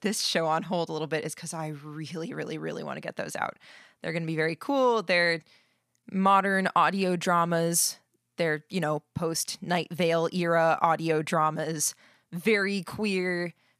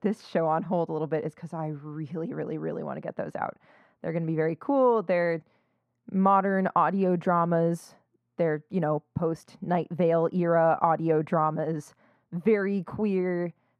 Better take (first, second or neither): first